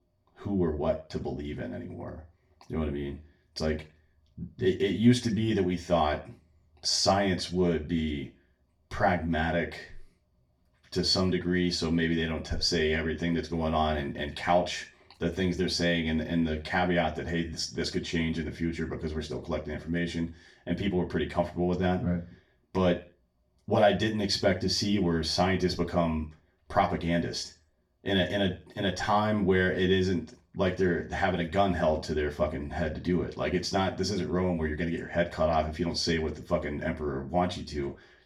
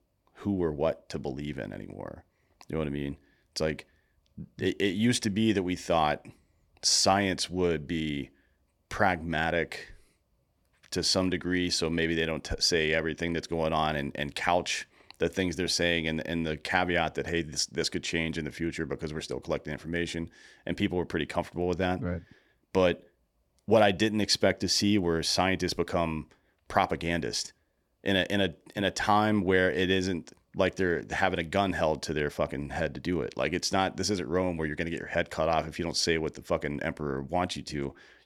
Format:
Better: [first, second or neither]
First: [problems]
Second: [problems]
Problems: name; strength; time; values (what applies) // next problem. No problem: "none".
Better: second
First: room echo; very slight; dies away in 0.3 s // off-mic speech; far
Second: none